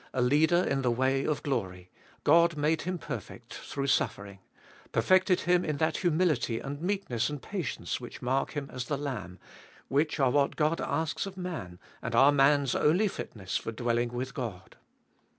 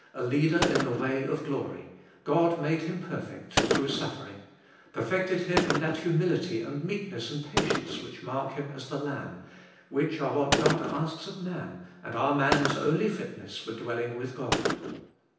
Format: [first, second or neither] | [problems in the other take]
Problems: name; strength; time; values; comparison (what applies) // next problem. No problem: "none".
first | background sound (Gunshot, gunfire); 4 dB below the speech // room echo; dies away in 0.9 s